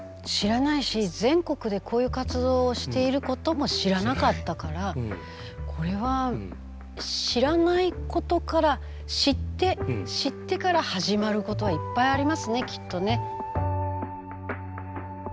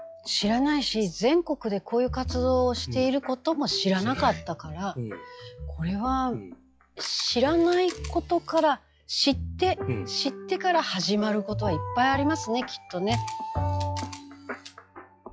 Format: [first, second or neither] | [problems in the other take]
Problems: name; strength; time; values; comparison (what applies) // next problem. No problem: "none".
first | noise reduction (classical method log-MMSE)